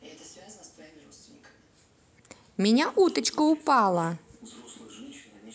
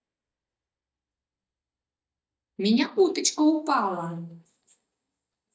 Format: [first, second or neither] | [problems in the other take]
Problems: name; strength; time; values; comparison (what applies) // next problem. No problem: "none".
first | noise reduction (neural mask model DeepFilterNet 3)